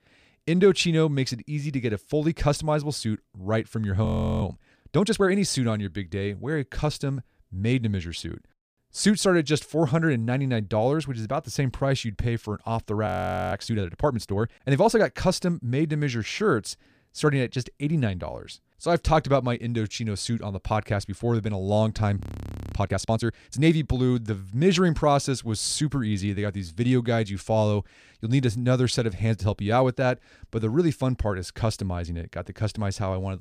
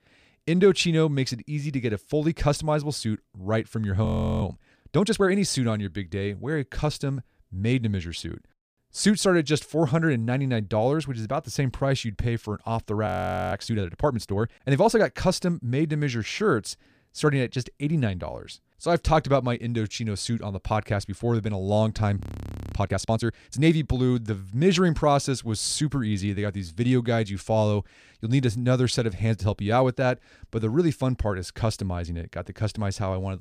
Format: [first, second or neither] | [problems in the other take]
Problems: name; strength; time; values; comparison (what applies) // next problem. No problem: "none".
neither | audio freezing; at 4 s, at 13 s and at 22 s for 0.5 s; the same in both